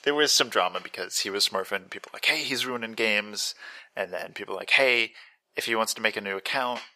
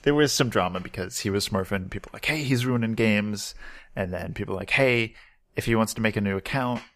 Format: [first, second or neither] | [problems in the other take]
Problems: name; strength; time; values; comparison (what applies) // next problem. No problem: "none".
second | thin; somewhat; fading below 500 Hz